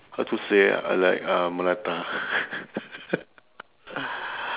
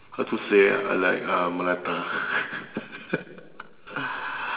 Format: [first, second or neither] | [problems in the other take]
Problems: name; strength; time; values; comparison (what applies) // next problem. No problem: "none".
first | room echo; dies away in 1.6 s